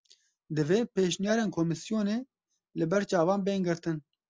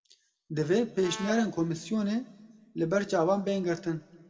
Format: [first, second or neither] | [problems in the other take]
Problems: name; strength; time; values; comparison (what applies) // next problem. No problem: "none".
first | background sound (Brass instrument); 14 dB below the speech // room echo; dies away in 1.1 s